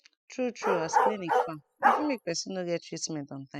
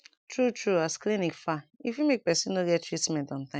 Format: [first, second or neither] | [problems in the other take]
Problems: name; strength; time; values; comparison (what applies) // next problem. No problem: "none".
second | noise reduction (classical method spectral subtraction)